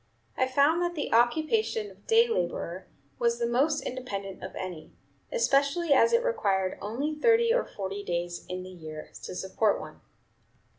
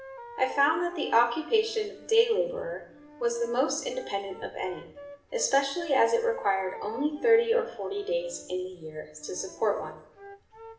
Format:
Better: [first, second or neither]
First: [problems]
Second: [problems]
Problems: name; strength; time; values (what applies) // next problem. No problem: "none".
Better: first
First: none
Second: background sound (Wind instrument, woodwind instrument); 18 dB below the speech // room echo; dies away in 0.7 s